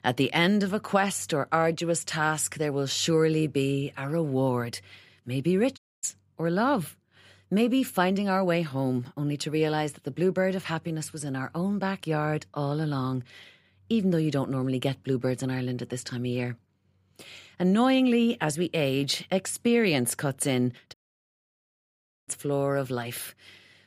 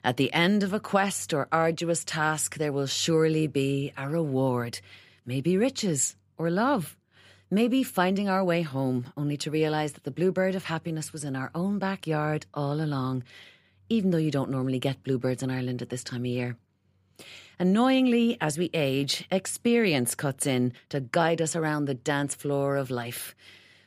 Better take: second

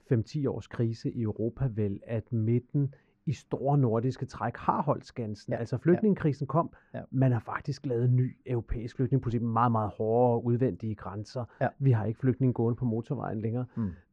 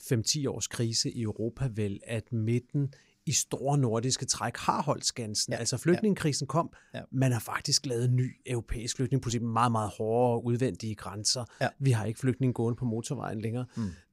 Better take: second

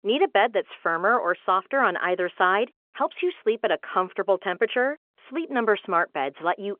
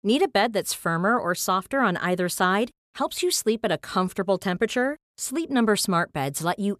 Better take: second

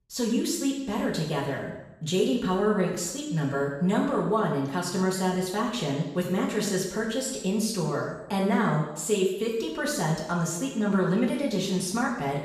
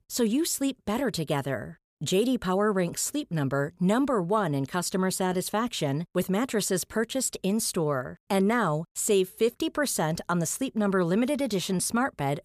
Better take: second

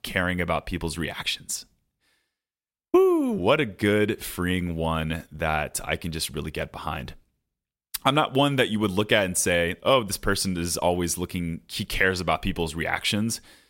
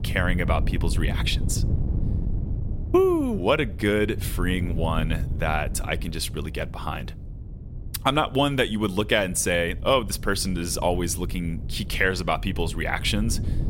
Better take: first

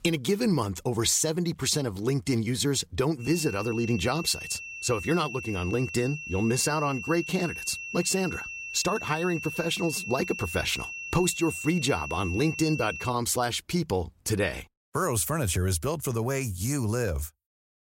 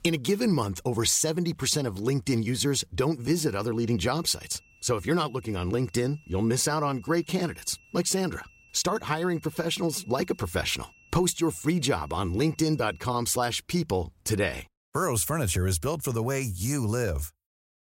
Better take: second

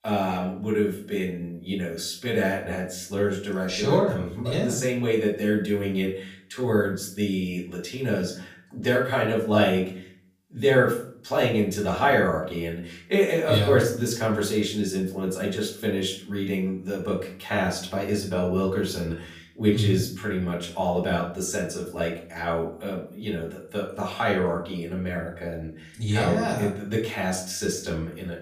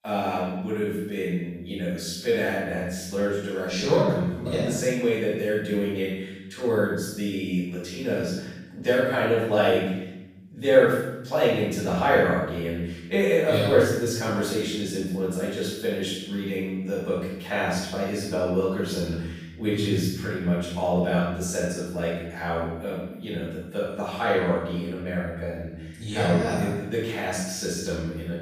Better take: first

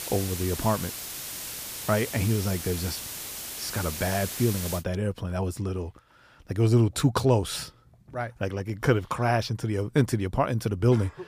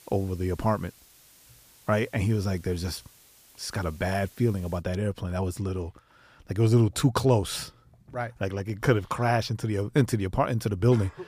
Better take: second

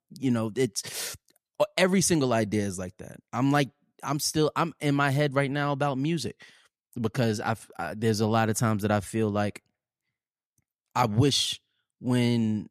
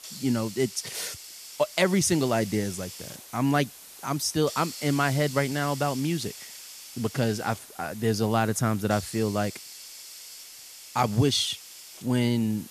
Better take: first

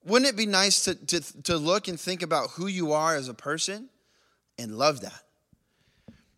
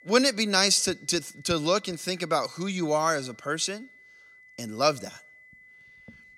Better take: first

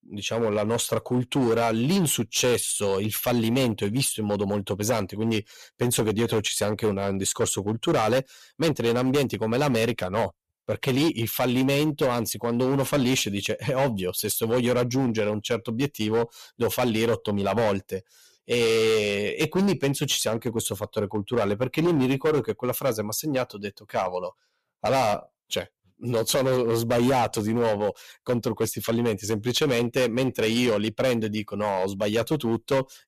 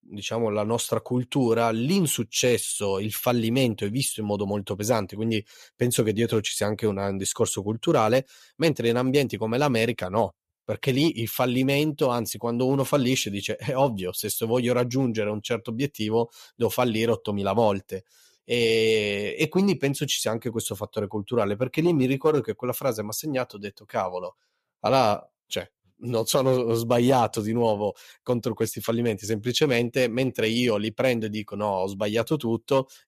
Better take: second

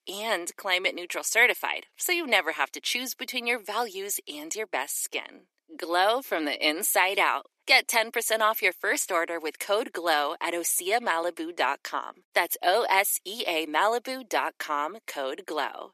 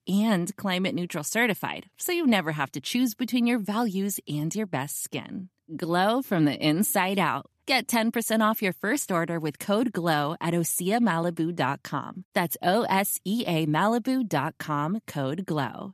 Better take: second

